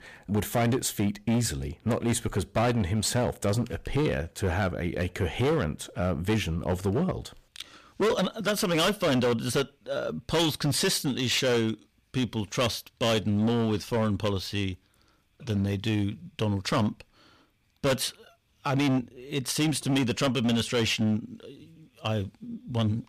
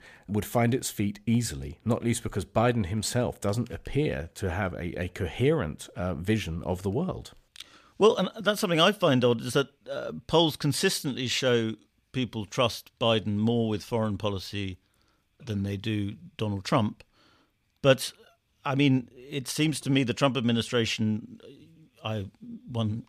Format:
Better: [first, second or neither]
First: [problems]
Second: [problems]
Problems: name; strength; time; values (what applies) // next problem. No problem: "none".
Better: second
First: distortion; heavy; 11% of the sound clipped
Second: none